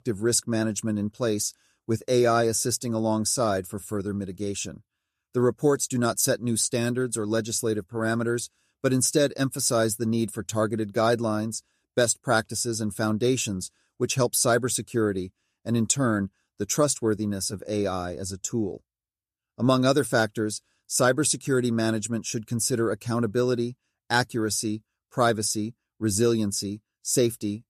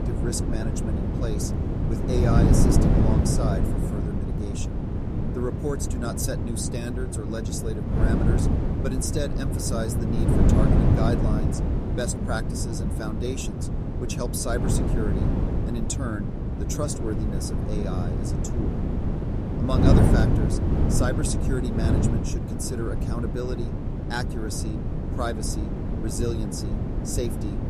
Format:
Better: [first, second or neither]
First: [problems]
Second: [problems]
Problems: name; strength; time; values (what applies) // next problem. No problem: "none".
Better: first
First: none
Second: wind noise on the microphone; heavy; as loud as the speech